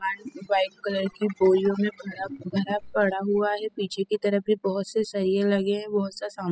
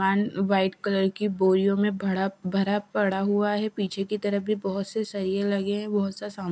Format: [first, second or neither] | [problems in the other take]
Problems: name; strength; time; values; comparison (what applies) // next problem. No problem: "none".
second | noise reduction (classical method spectral subtraction)